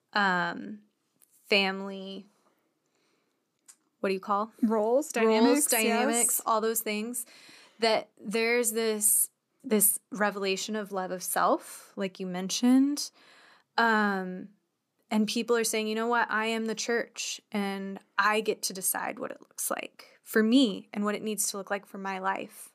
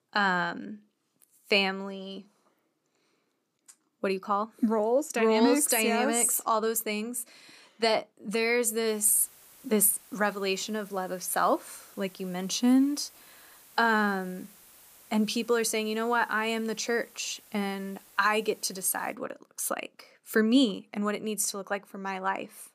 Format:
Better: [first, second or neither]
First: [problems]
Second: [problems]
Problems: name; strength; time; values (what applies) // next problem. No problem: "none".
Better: first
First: none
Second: hiss; faint; from 9 to 19 s; 25 dB below the speech